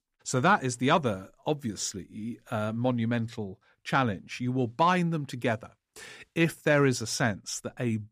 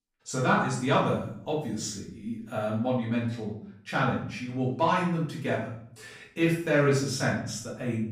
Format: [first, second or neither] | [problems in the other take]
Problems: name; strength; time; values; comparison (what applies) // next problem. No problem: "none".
first | off-mic speech; far // room echo; noticeable; dies away in 0.5 s